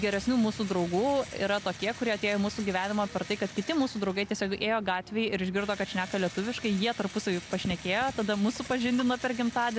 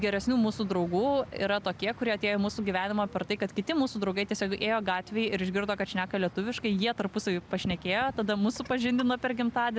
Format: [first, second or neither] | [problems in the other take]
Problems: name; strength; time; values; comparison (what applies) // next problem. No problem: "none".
second | background sound (Engine / Drill); 17 dB below the speech